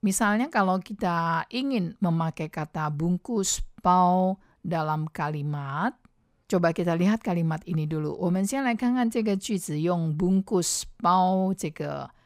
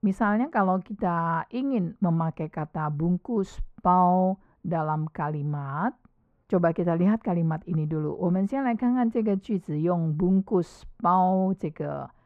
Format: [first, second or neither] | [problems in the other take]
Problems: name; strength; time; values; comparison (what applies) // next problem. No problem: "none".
first | muffled; very; fading above 3 kHz